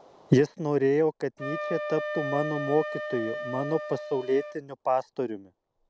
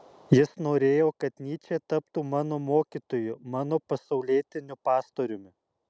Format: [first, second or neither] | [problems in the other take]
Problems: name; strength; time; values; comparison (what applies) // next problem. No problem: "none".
second | background sound (Wind instrument, woodwind instrument); 9 dB below the speech